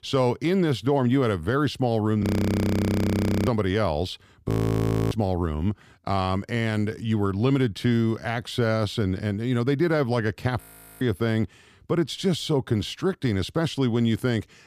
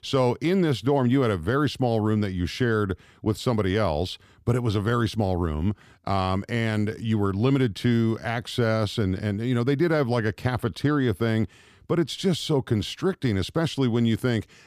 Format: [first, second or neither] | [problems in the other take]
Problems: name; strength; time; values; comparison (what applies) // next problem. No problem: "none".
second | audio freezing; at 2 s for 1 s, at 4.5 s for 0.5 s and at 11 s